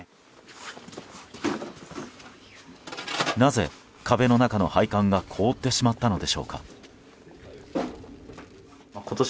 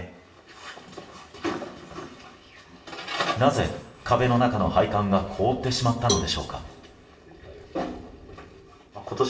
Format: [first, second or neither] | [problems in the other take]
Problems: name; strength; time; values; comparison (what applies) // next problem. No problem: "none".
first | background sound (Cowbell); 7 dB below the speech // room echo; dies away in 0.8 s